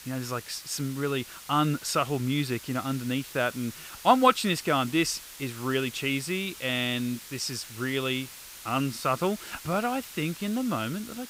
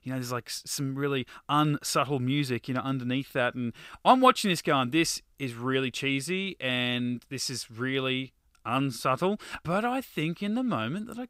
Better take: second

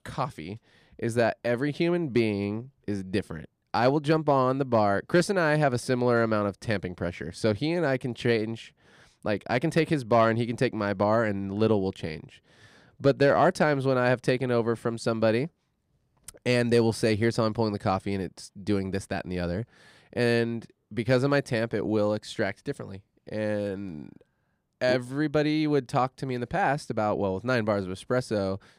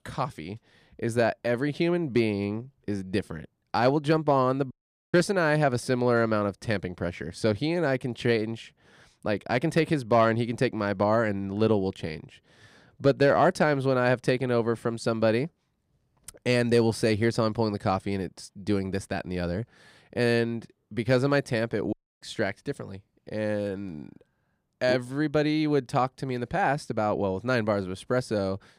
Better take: first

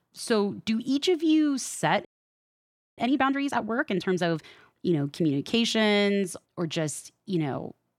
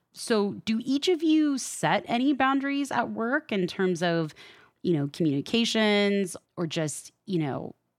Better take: second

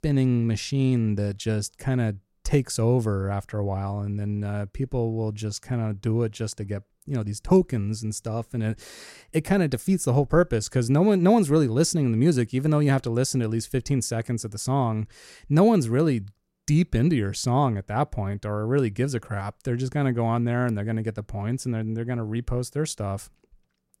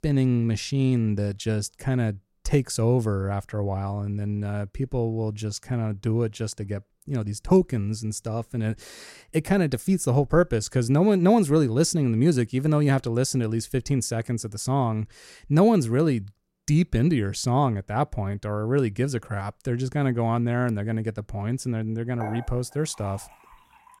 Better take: first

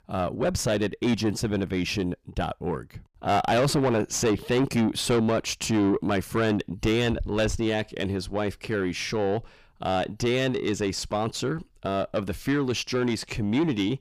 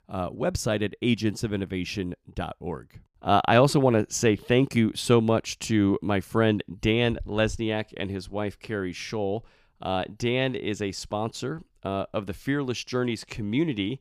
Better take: second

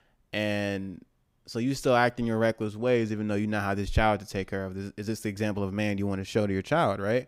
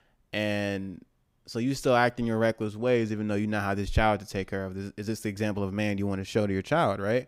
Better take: neither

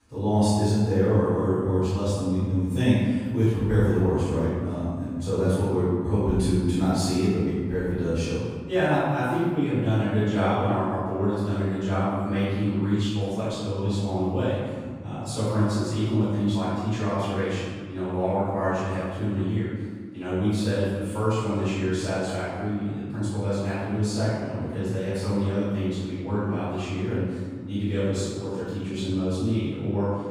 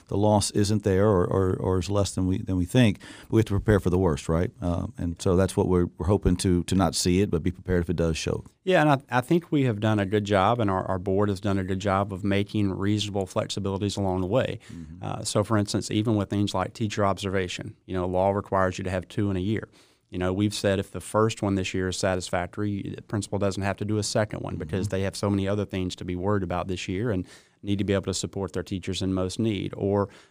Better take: second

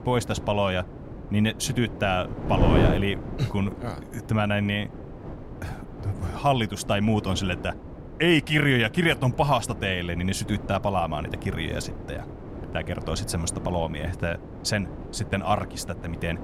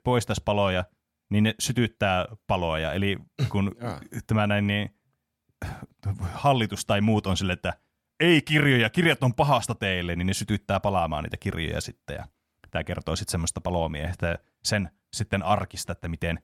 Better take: second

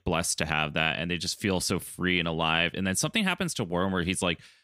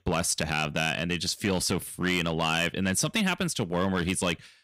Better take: first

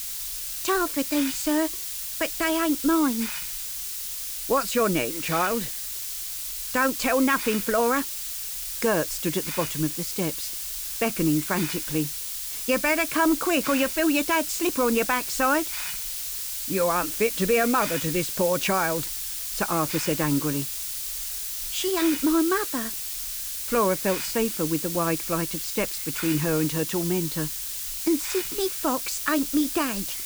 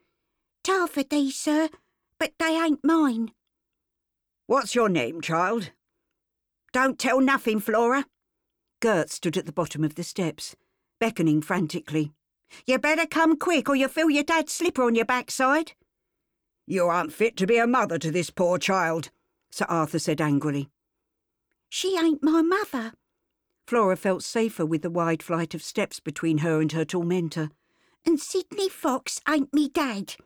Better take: second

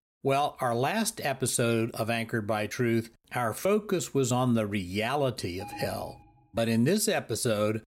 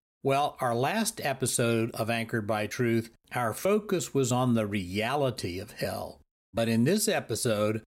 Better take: second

